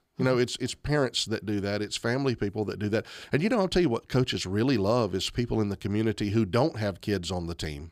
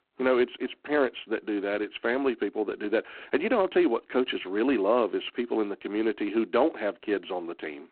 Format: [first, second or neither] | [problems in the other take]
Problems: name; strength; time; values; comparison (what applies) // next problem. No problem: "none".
first | phone-call audio; poor line